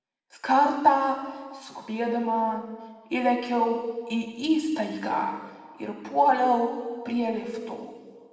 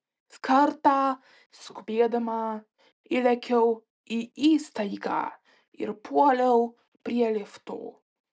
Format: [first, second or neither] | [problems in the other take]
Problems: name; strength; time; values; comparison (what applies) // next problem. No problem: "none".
second | room echo; dies away in 1.5 s